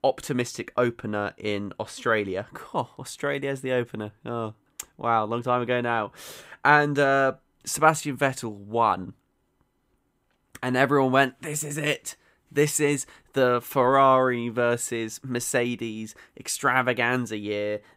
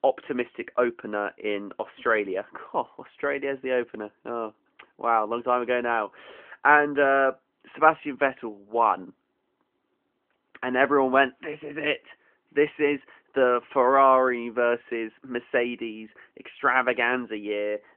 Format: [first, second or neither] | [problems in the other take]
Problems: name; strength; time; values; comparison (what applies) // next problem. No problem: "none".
first | phone-call audio; nothing above 3 kHz